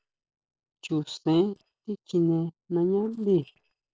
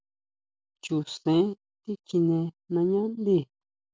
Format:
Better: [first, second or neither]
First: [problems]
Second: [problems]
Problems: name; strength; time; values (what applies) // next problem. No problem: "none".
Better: second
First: noise reduction (neural separator model SepFormer DNS4)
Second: none